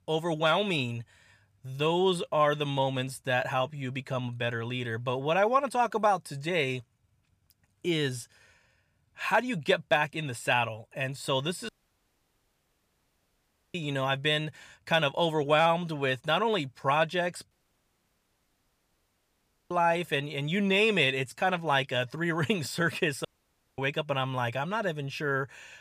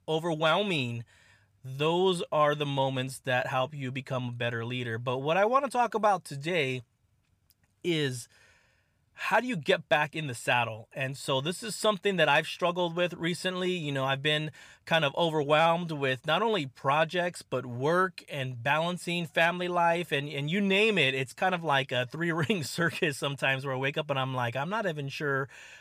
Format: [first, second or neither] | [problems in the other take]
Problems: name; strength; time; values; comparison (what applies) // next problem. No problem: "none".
second | audio cutting out; at 12 s for 2 s, at 18 s for 2 s and at 23 s for 0.5 s